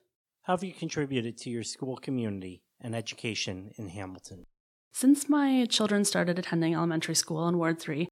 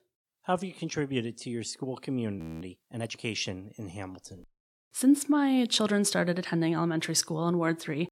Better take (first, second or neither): first